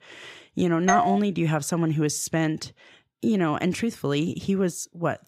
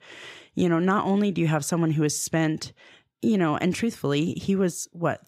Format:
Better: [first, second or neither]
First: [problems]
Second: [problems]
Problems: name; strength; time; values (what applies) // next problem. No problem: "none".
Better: second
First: doorbell; loud; at 1 s; peak 2 dB above the speech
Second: none